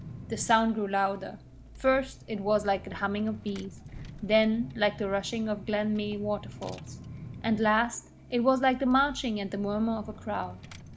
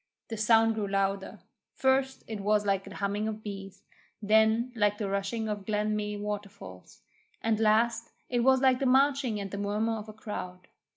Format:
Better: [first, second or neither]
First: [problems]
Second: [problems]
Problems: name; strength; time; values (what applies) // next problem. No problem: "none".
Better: second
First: background sound (Engine / Car); 15 dB below the speech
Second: none